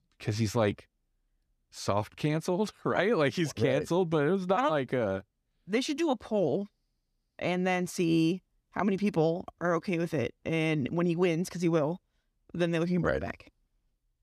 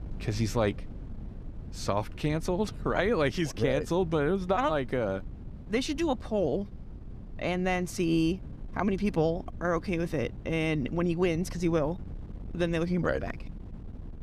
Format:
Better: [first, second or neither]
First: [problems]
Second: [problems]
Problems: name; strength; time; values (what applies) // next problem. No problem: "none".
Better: first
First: none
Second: wind noise on the microphone; occasional gusts; 25 dB below the speech